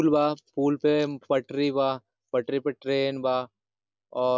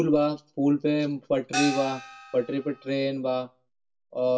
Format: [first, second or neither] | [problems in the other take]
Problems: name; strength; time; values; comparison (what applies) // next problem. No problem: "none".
first | background sound (Gong); 7 dB below the speech // room echo; dies away in 0.2 s